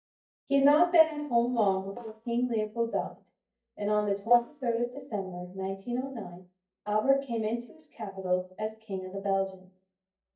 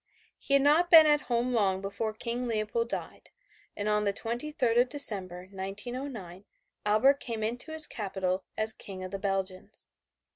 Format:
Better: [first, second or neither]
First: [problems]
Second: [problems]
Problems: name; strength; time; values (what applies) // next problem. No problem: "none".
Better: second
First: noise reduction (neural mask model DeepFilterNet 3)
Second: none